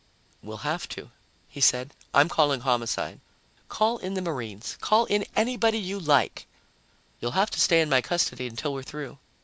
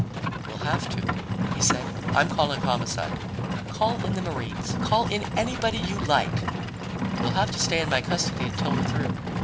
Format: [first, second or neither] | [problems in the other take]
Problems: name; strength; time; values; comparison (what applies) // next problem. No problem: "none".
first | background sound (Livestock, farm animals, working animals); 1 dB above the speech // room echo; dies away in 0.8 s